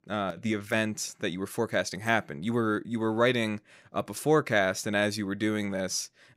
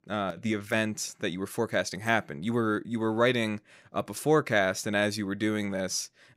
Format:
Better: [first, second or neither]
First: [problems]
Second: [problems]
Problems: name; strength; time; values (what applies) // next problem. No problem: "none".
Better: neither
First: none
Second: none